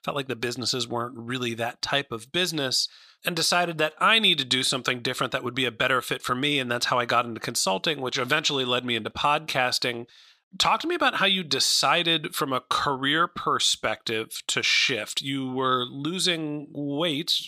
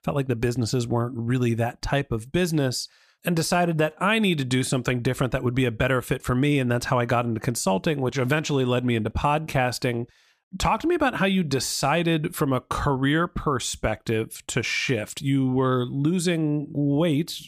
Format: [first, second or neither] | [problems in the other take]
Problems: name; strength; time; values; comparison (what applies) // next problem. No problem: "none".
second | thin; somewhat; fading below 950 Hz